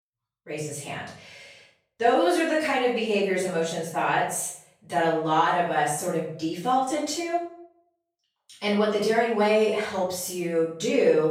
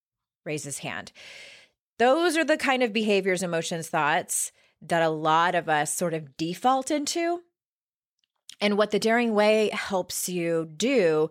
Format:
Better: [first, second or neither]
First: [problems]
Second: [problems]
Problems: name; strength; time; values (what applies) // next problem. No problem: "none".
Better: second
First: off-mic speech; far // room echo; noticeable; dies away in 0.5 s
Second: none